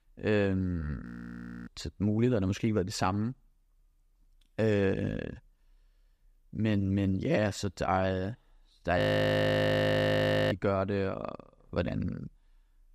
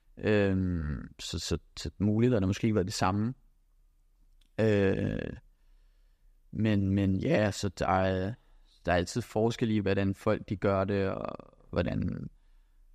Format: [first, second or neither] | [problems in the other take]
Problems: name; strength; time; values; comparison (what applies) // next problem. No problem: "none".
second | audio freezing; at 1 s for 0.5 s and at 9 s for 1.5 s